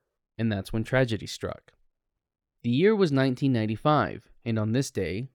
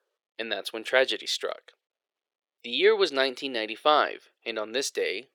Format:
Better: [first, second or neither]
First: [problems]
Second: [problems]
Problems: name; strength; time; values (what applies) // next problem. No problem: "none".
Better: first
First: none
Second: thin; very; fading below 400 Hz